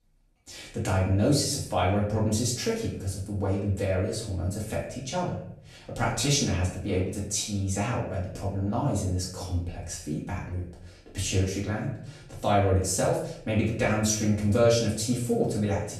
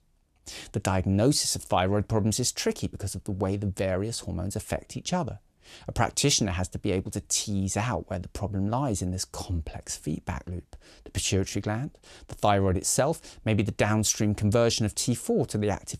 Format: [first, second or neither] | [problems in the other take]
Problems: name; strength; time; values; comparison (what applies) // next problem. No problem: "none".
second | off-mic speech; far // room echo; noticeable; dies away in 0.6 s